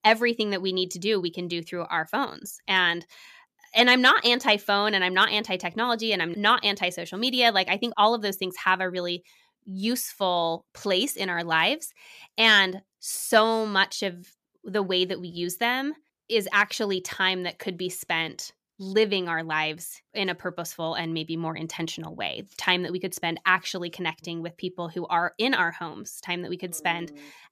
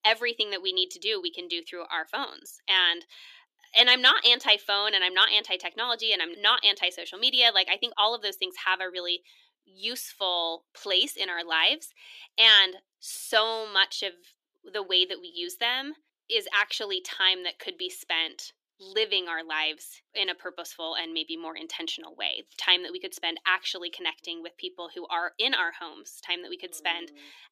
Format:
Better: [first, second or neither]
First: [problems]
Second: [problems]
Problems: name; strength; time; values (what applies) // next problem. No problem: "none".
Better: first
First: none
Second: thin; somewhat; fading below 300 Hz